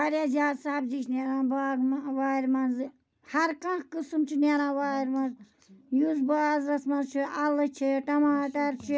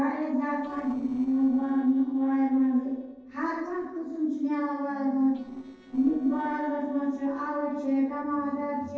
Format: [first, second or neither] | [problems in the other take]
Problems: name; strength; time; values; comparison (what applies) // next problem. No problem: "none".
first | noise reduction (neural separator model SepFormer DNS4)